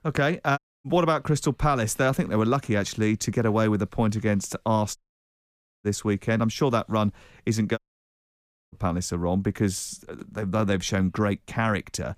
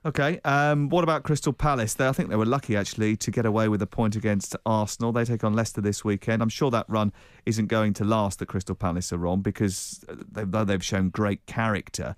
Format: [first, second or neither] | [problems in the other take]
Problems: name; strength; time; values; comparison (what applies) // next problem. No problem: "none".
second | audio cutting out; at 0.5 s, at 5 s for 1 s and at 8 s for 1 s